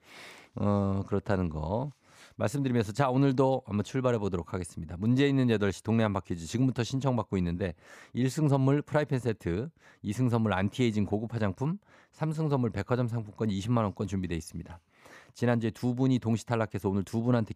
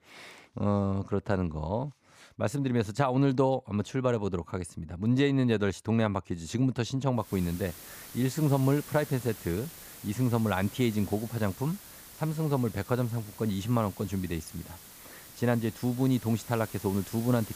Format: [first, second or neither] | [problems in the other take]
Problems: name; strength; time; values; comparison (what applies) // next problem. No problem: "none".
first | hiss; noticeable; from 7.5 s on; 15 dB below the speech